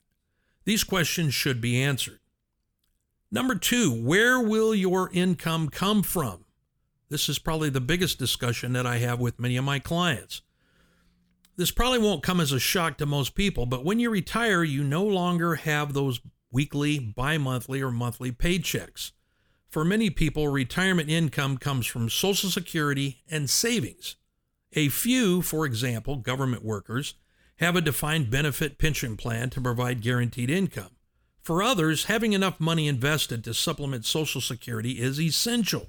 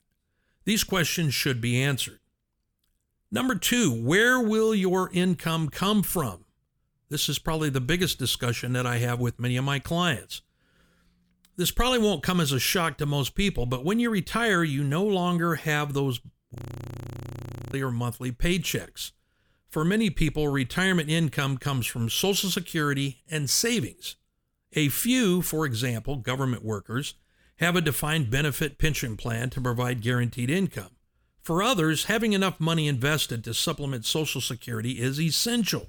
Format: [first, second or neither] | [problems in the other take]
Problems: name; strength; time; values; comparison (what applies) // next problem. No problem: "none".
first | audio freezing; at 17 s for 1 s